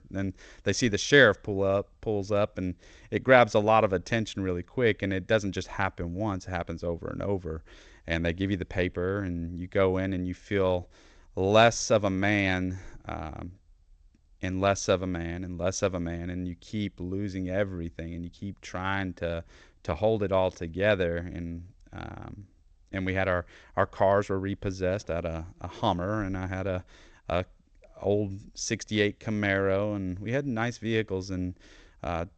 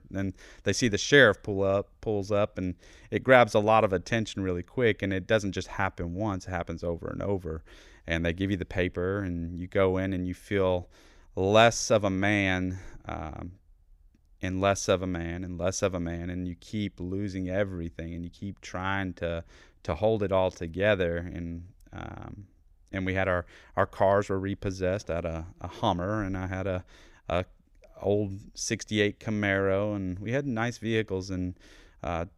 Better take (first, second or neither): second